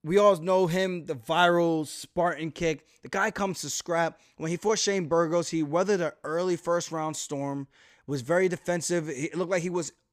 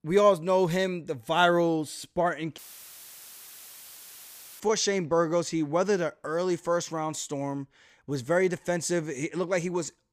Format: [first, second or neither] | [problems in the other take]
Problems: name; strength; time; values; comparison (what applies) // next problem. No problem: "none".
first | audio cutting out; filled with static; at 2.5 s for 2 s